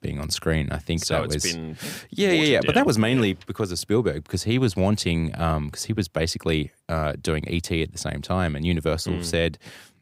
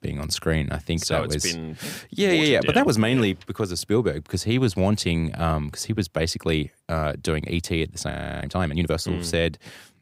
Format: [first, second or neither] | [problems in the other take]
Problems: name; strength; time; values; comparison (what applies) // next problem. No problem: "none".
first | audio freezing; at 8 s